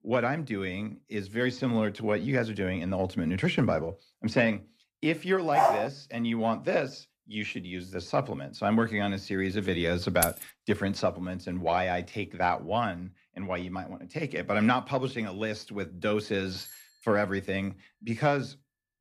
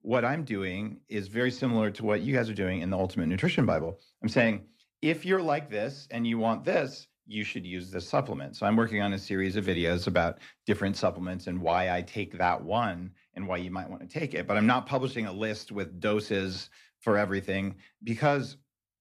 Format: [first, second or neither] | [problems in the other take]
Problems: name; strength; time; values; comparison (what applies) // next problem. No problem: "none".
second | dog barking; loud; at 5.5 s; peak 5 dB above the speech // jangling keys; noticeable; at 10 s; peak level with the speech // doorbell; faint; at 17 s; peak 15 dB below the speech